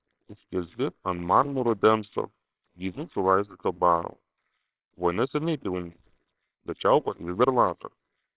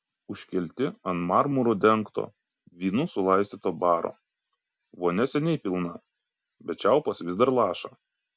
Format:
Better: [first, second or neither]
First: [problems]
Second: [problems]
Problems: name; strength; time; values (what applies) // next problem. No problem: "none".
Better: second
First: noise reduction (neural separator model SepFormer WHAMR!)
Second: none